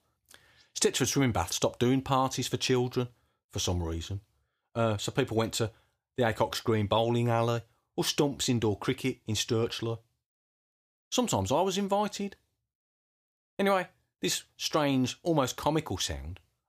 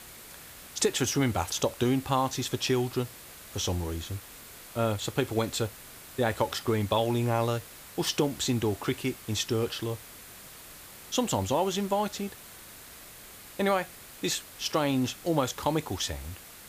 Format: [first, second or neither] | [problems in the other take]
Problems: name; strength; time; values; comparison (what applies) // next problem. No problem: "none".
first | hiss; noticeable; throughout; 15 dB below the speech